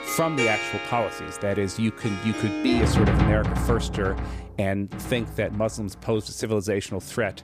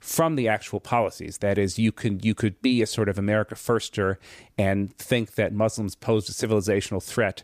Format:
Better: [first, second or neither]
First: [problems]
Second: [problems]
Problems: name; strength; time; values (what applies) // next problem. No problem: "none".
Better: second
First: background music; loud; throughout; as loud as the speech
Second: none